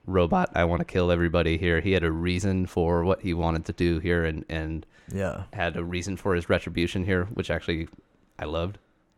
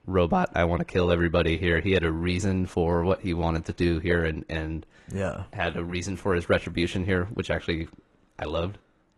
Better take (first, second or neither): first